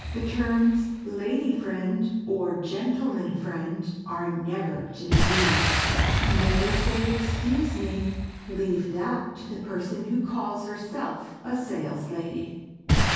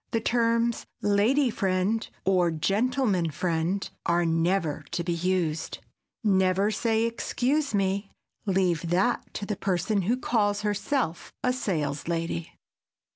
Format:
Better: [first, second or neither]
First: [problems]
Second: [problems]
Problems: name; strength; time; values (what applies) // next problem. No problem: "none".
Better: second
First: background sound (Boom); 1 dB below the speech // room echo; dies away in 1.3 s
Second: none